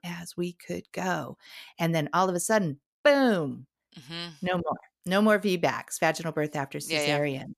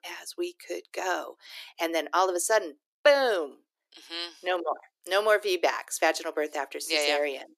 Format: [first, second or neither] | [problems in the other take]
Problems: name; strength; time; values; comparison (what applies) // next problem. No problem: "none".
first | thin; very; fading below 350 Hz